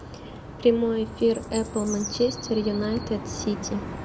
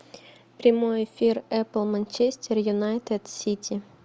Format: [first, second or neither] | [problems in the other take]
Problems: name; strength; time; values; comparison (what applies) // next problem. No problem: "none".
second | background sound (Chirp, tweet); 9 dB below the speech // room echo; dies away in 0.4 s